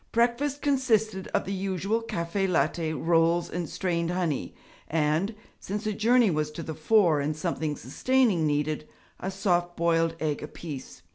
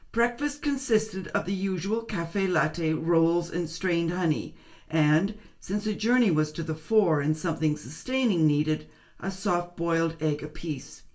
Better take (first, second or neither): first